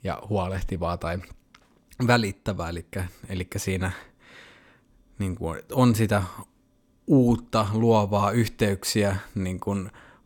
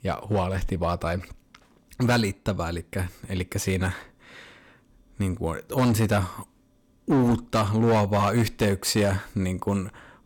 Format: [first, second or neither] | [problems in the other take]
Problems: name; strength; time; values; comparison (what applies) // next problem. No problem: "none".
first | distortion; slight; 6% of the sound clipped